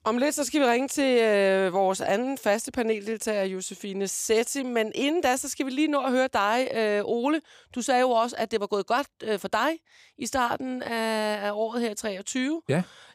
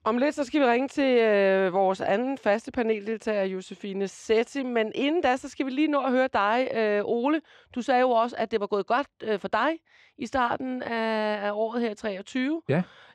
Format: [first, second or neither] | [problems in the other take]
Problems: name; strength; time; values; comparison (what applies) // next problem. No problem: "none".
first | muffled; slightly; fading above 3 kHz